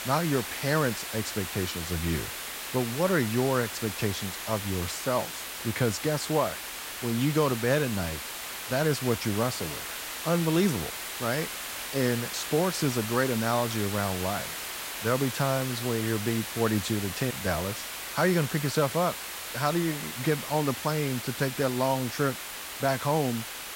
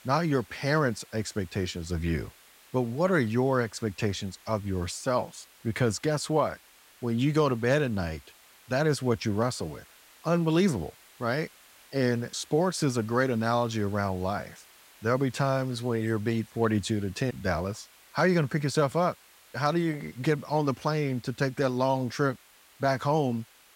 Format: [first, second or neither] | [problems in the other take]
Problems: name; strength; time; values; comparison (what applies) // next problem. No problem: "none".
second | hiss; loud; throughout; 5 dB below the speech; faint in the second